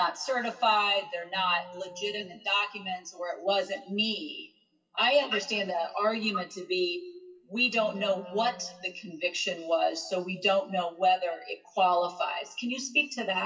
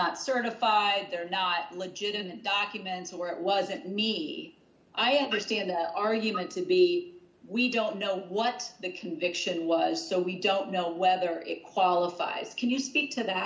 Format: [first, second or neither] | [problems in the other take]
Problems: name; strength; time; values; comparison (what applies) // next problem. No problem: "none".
second | noise reduction (classical method WPE with log-MMSE)